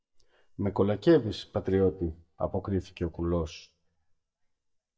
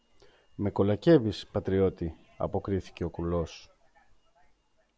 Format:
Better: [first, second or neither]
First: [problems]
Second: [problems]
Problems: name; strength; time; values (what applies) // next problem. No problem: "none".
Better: second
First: noise reduction (neural mask model DeepFilterNet 3)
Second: none